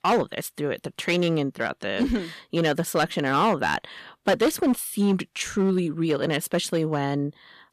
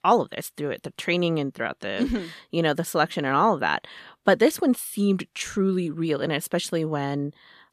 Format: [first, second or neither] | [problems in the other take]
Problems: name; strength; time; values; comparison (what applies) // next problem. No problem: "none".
second | distortion; slight; 6% of the sound clipped